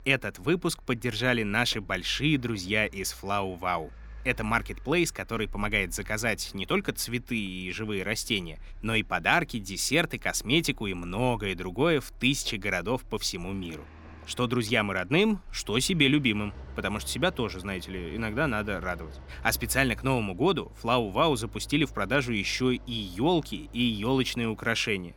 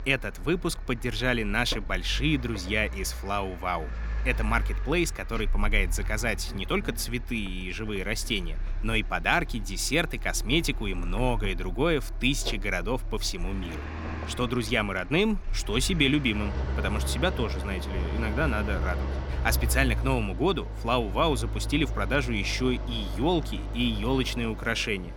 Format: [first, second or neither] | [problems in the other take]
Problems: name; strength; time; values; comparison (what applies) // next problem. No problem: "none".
first | traffic noise; loud; throughout; 6 dB below the speech; faint in the first